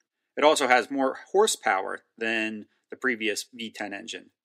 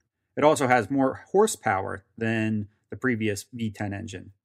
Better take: second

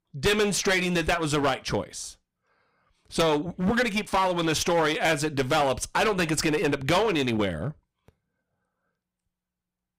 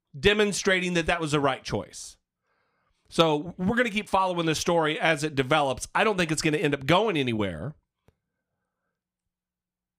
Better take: second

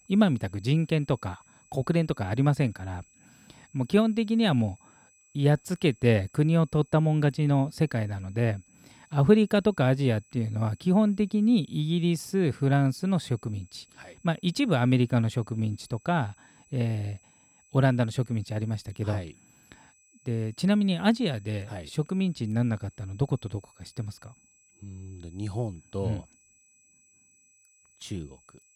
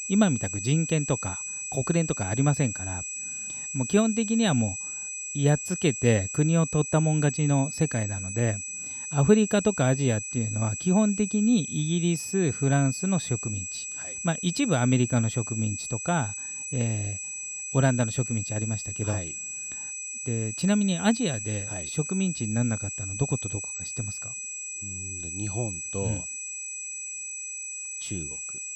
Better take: first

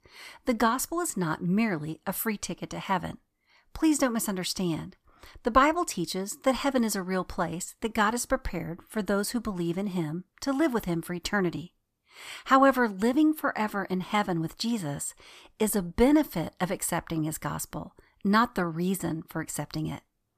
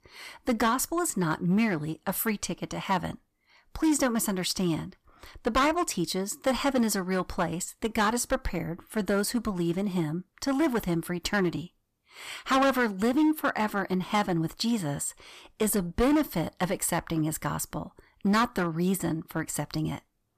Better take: first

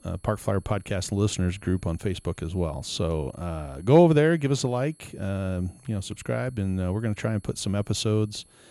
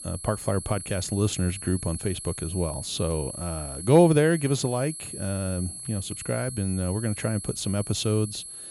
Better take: first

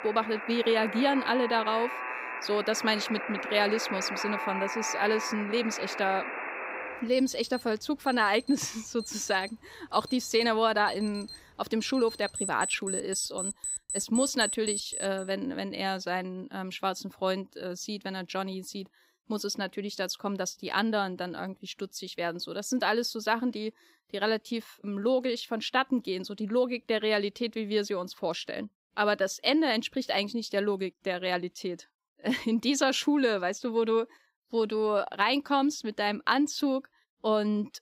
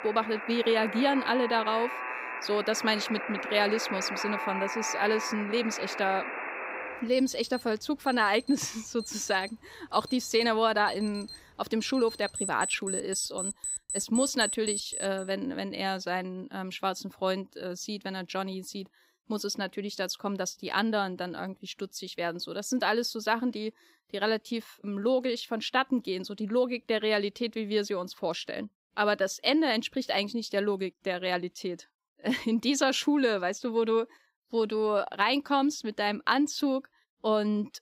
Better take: neither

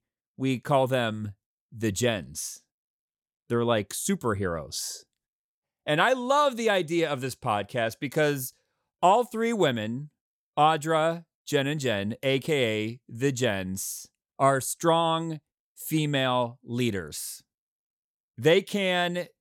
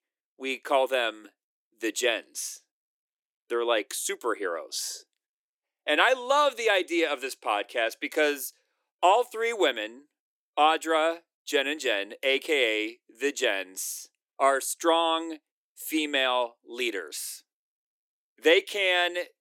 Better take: first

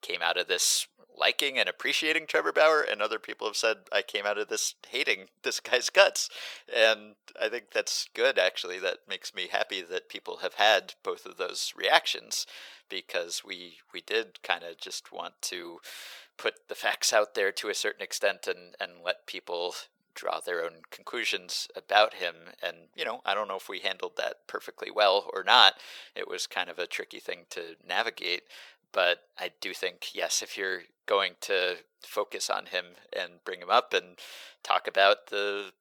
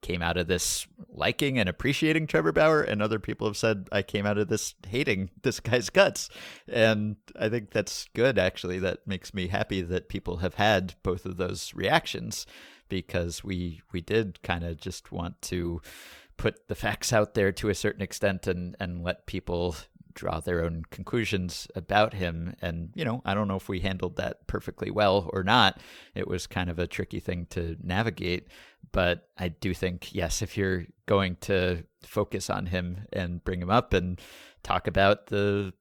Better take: second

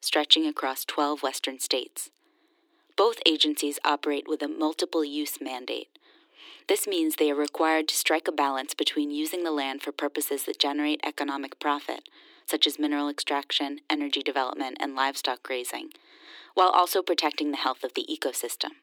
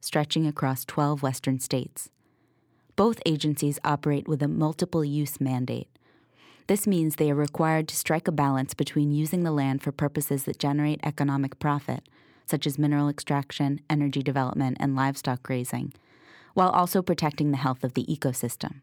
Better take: second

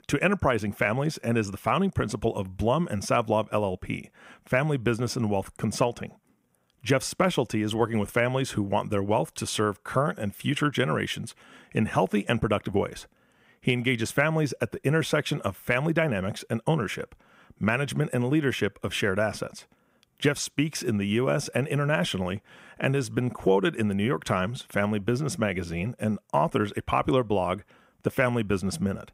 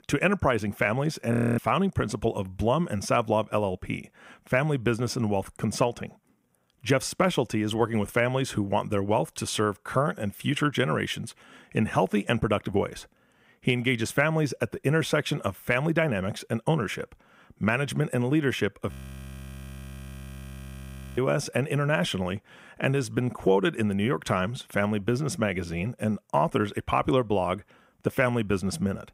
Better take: first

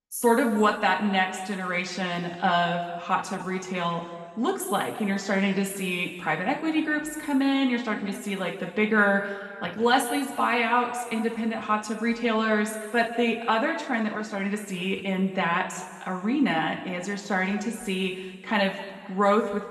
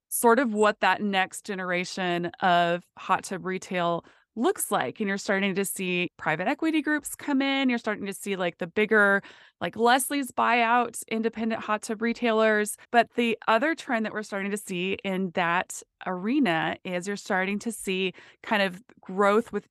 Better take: second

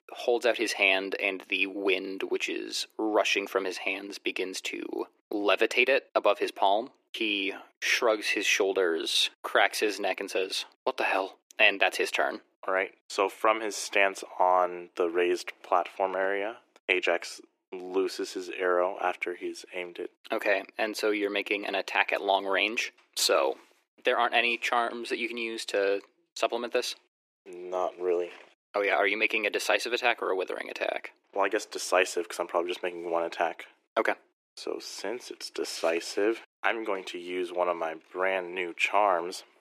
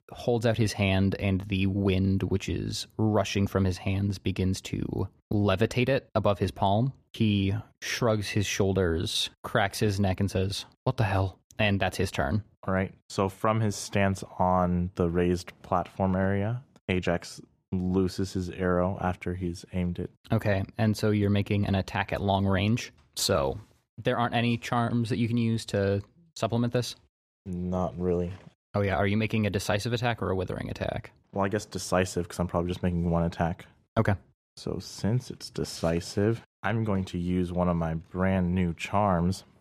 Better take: second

